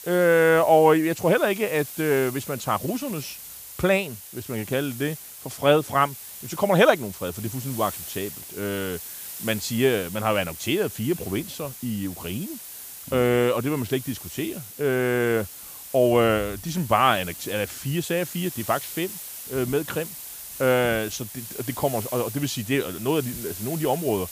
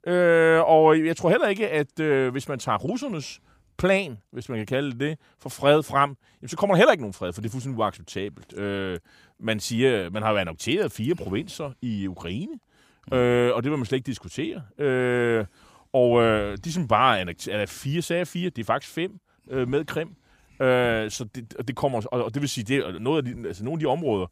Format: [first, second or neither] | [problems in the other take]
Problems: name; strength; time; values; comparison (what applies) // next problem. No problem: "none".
second | hiss; noticeable; throughout; 10 dB below the speech